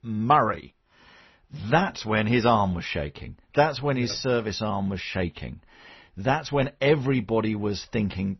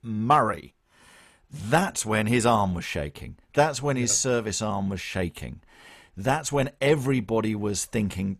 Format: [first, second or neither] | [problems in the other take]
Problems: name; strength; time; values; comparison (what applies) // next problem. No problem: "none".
second | garbled, watery; slightly; nothing above 6 kHz